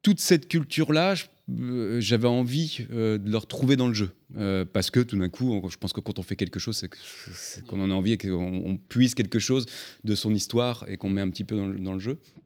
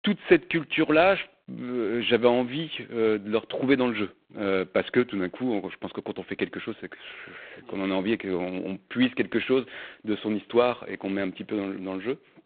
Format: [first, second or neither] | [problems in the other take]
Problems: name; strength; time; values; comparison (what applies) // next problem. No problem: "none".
first | phone-call audio; poor line; nothing above 3.5 kHz